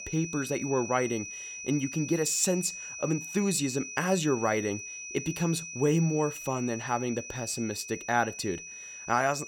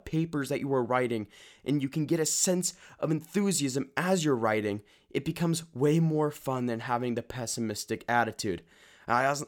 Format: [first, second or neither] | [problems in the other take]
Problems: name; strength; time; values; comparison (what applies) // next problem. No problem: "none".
second | high-pitched whine; loud; throughout; 6 kHz, 9 dB below the speech